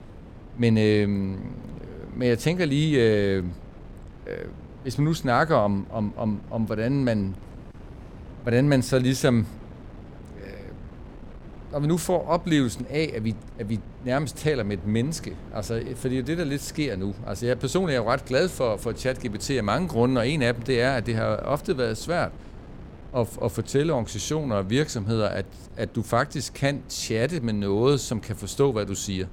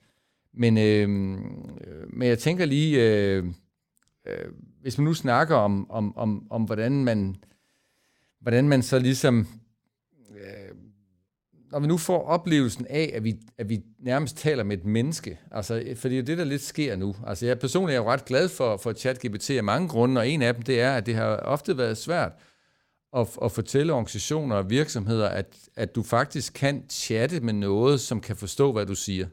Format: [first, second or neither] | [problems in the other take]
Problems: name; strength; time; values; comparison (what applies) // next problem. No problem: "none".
second | wind noise on the microphone; occasional gusts; 20 dB below the speech